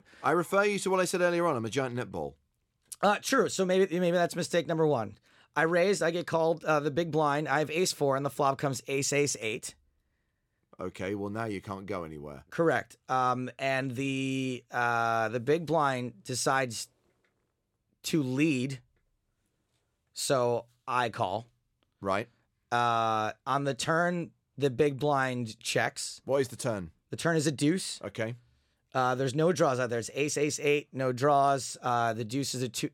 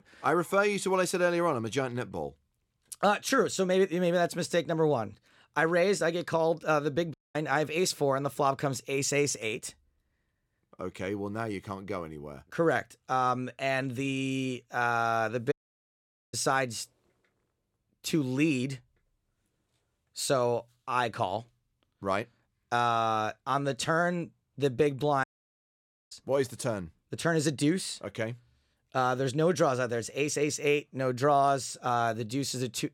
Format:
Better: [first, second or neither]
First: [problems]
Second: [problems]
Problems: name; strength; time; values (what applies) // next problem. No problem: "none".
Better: first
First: none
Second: audio cutting out; at 7 s, at 16 s for 1 s and at 25 s for 1 s